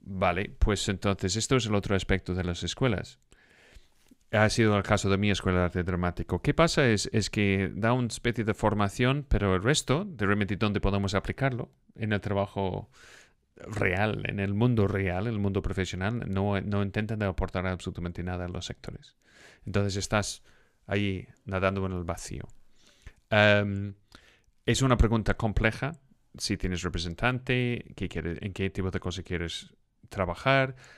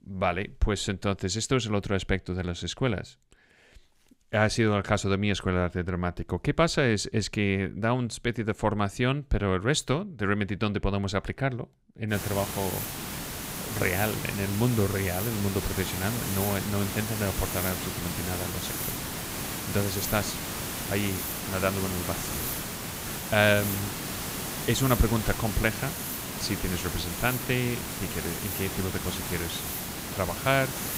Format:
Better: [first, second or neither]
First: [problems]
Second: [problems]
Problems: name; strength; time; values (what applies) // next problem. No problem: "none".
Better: first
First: none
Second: hiss; loud; from 12 s on; 4 dB below the speech